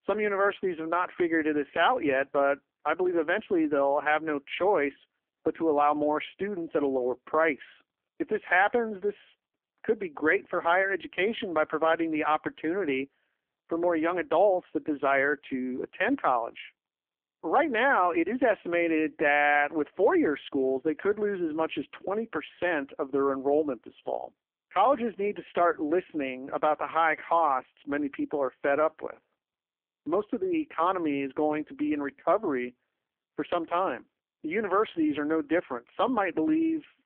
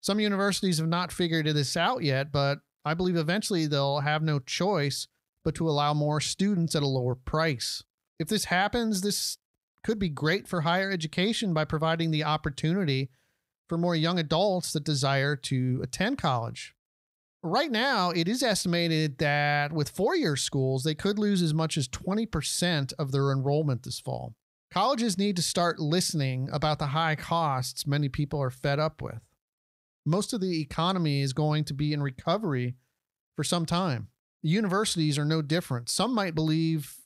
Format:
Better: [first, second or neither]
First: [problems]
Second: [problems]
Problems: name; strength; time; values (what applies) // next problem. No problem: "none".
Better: second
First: phone-call audio; poor line; nothing above 3.5 kHz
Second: none